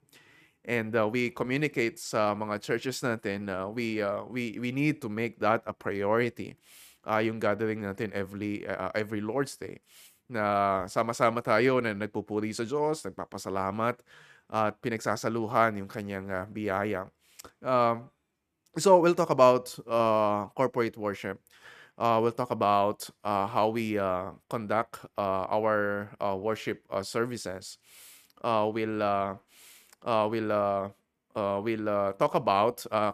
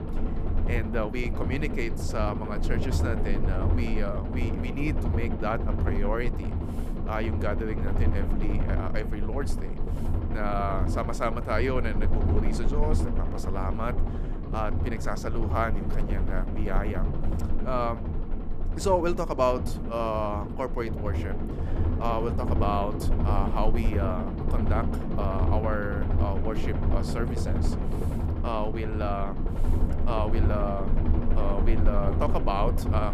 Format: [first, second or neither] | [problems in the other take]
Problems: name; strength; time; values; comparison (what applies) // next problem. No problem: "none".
first | low rumble; loud; throughout; 7 dB below the speech